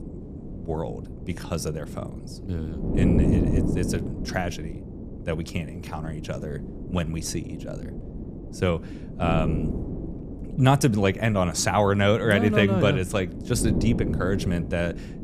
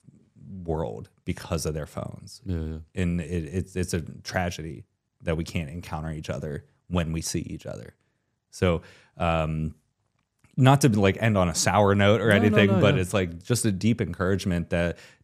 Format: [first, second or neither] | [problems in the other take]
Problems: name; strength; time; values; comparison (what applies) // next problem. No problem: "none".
second | wind noise on the microphone; occasional gusts; 10 dB below the speech